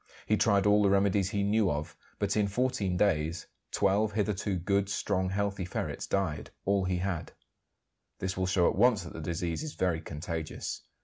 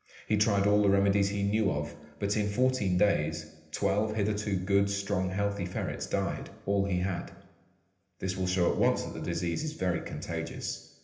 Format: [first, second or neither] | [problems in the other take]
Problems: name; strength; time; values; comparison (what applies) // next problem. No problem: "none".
first | room echo; dies away in 0.8 s